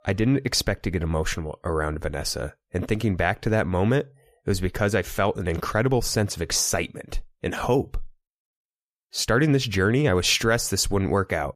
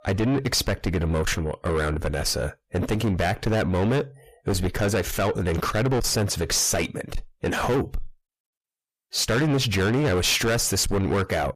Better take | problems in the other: first | distortion; heavy; 7 dB below the speech

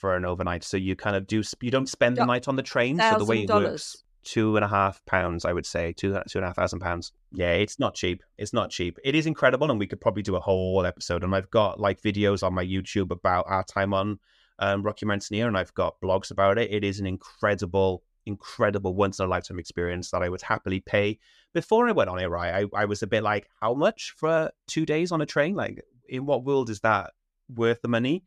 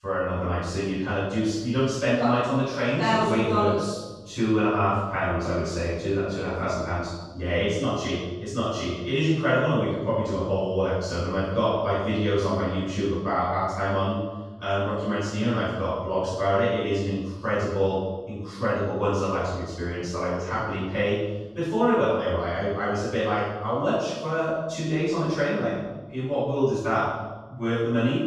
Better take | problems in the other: first | off-mic speech; far // room echo; strong; dies away in 1.1 s

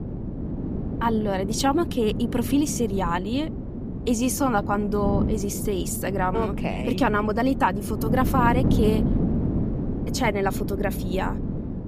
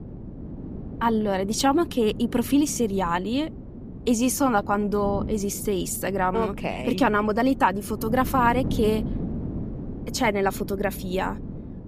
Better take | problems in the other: second | wind noise on the microphone; heavy; 9 dB below the speech; occasional gusts in the second

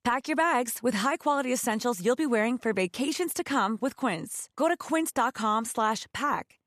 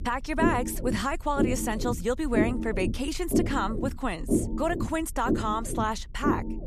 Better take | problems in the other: first | low rumble; loud; throughout; 6 dB below the speech

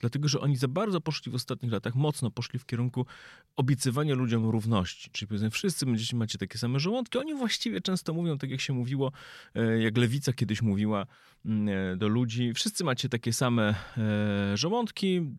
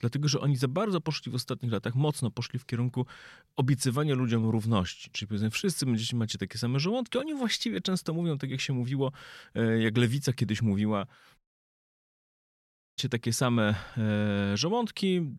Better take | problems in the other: first | audio cutting out; at 11 s for 1.5 s

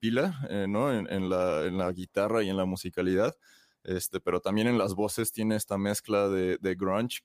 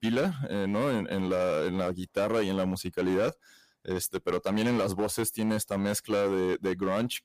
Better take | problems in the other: first | distortion; slight; 10% of the sound clipped

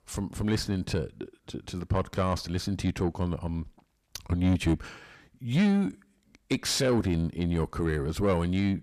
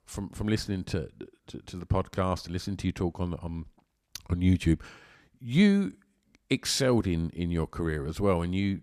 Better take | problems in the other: second | distortion; slight; 10 dB below the speech

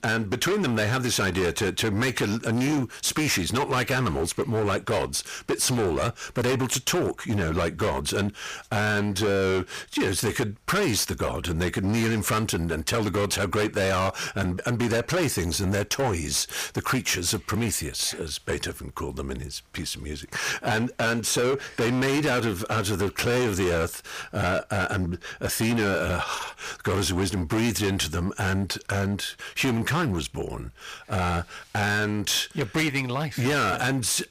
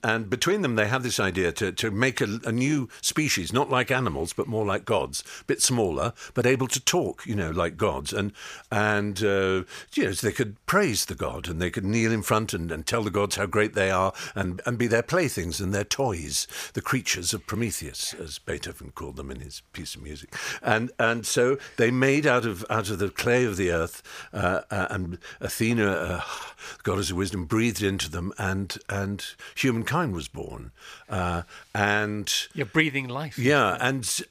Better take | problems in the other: second | distortion; heavy; 19% of the sound clipped

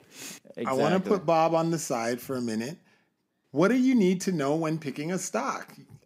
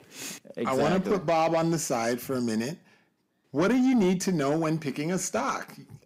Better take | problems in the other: first | distortion; slight; 10 dB below the speech

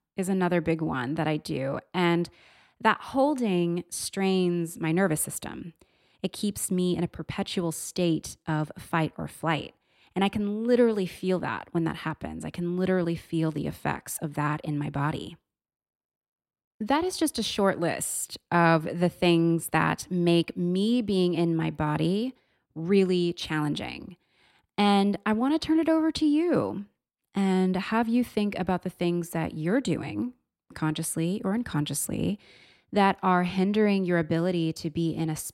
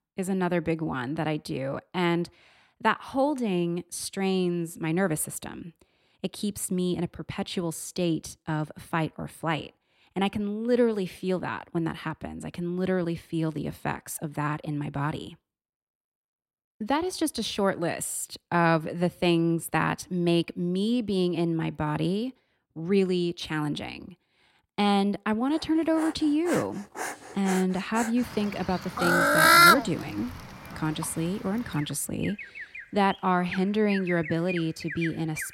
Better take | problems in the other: first | animal sounds; very loud; from 26 s on; 5 dB above the speech

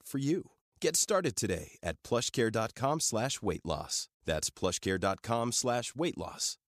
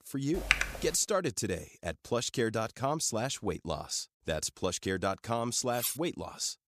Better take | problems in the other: first | keyboard typing; loud; at 0.5 s; peak 4 dB above the speech // clattering dishes; noticeable; at 6 s; peak 2 dB below the speech

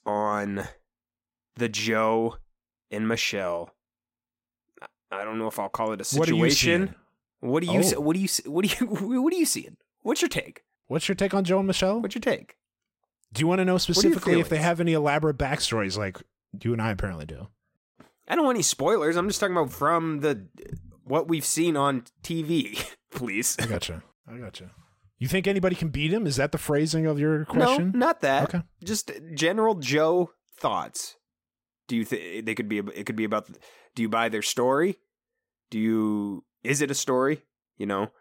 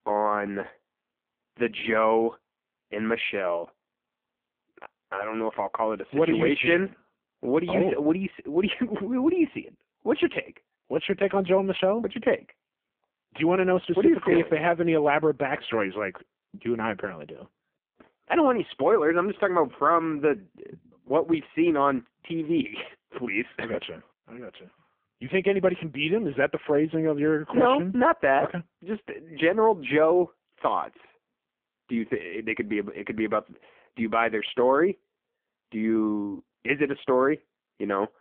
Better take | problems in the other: first | phone-call audio; poor line

